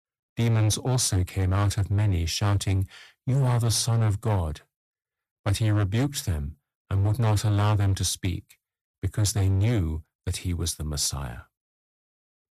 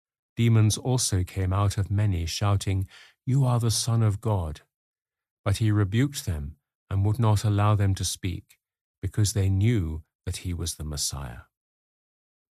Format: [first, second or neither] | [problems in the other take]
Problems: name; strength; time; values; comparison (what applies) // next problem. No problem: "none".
second | distortion; slight; 14% of the sound clipped